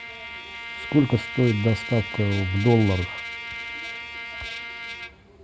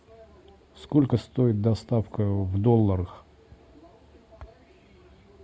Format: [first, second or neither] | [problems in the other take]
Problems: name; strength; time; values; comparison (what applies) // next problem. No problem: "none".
second | background sound (Trumpet); 9 dB below the speech